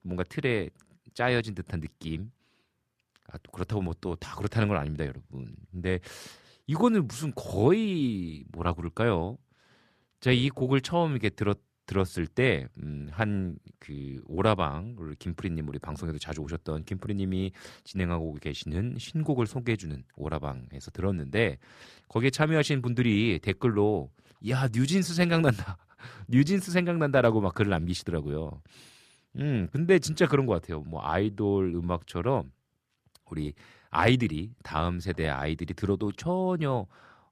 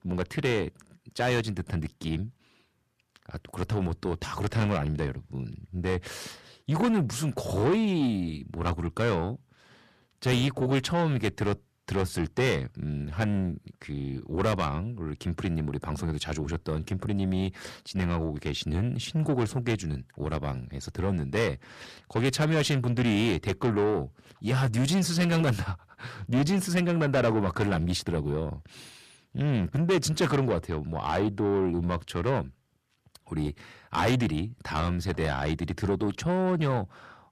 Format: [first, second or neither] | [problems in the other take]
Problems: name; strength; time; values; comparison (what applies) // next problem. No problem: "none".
first | distortion; heavy; 7 dB below the speech